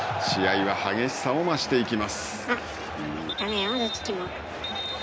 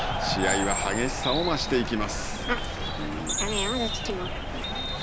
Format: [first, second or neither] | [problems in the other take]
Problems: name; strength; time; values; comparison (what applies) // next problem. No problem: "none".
first | background sound (Bird); 4 dB below the speech